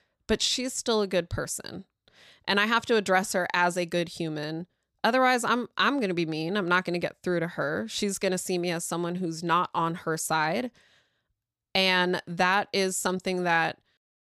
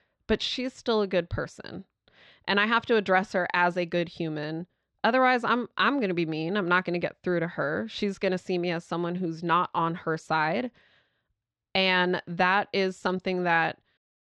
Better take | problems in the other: first | muffled; slightly; fading above 3.5 kHz

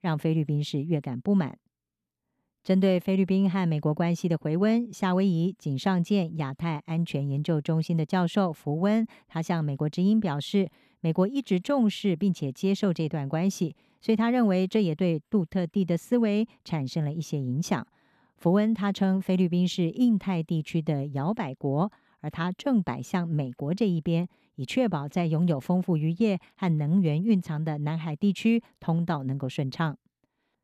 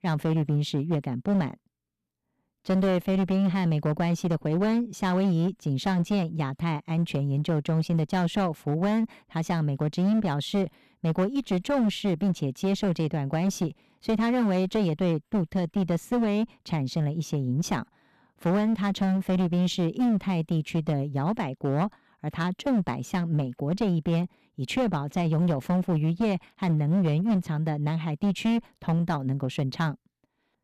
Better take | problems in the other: first | distortion; slight; 14% of the sound clipped

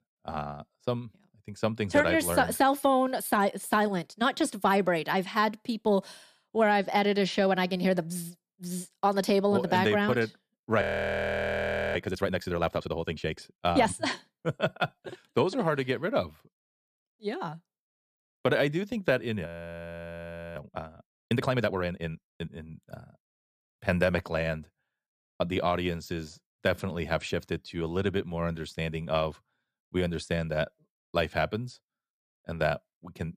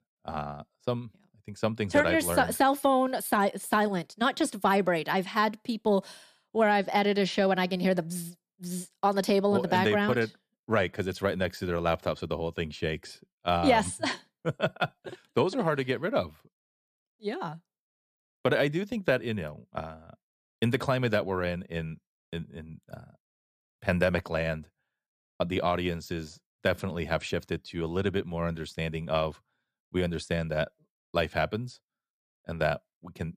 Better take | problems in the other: second | audio freezing; at 11 s for 1 s and at 19 s for 1 s

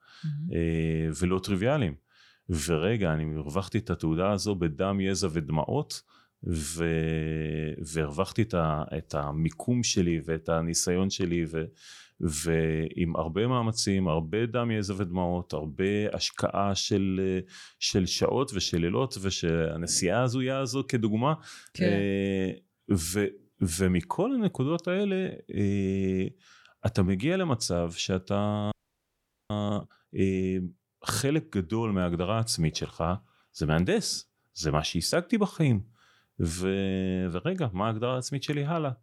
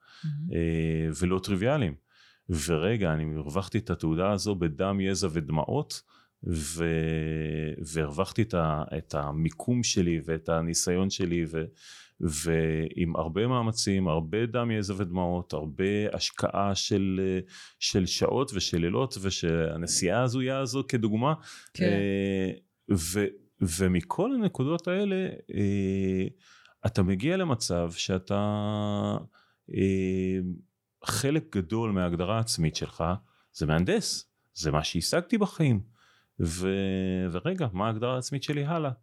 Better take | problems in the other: second | audio freezing; at 29 s for 1 s

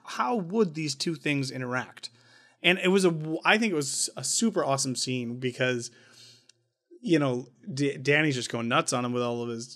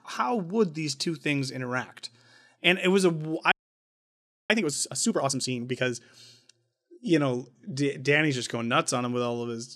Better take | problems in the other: first | audio freezing; at 3.5 s for 1 s

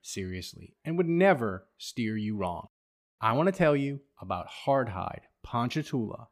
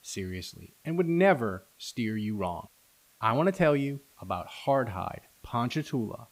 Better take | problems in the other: first | hiss; faint; throughout; 30 dB below the speech

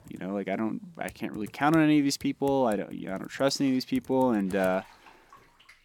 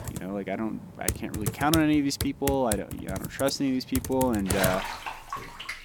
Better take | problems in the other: first | household noises; loud; throughout; 5 dB below the speech; faint in the first

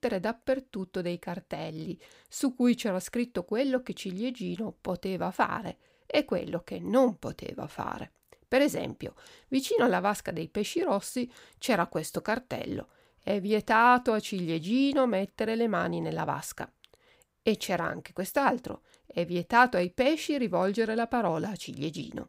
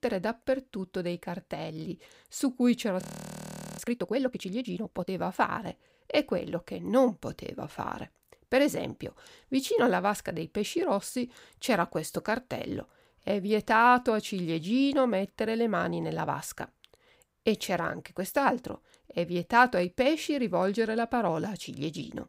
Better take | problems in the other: first | audio freezing; at 3 s for 1 s

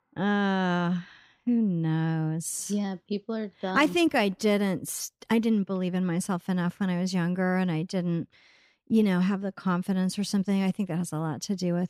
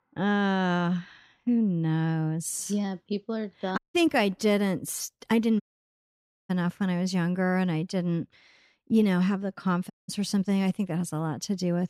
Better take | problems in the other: first | audio cutting out; at 4 s, at 5.5 s for 1 s and at 10 s

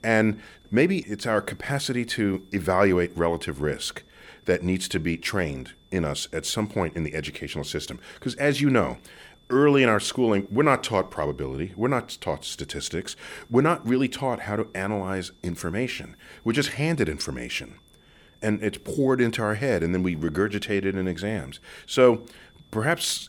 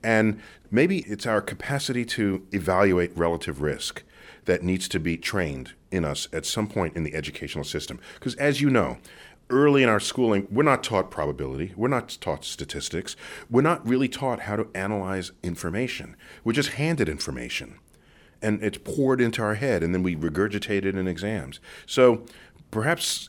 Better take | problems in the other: second | high-pitched whine; faint; throughout; 3.5 kHz, 35 dB below the speech

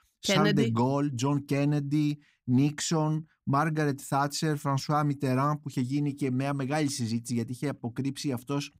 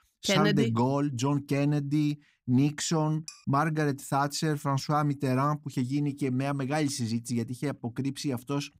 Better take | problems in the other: first | clattering dishes; faint; at 3.5 s; peak 15 dB below the speech

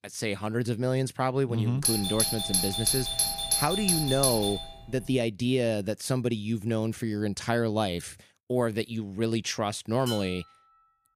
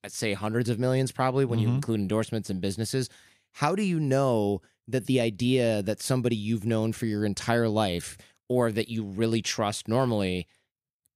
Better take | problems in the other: second | doorbell; loud; from 2 to 4.5 s; peak 5 dB above the speech // clattering dishes; noticeable; at 10 s; peak 8 dB below the speech

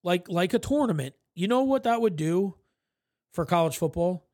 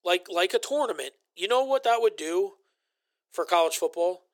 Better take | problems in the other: first | thin; very; fading below 400 Hz

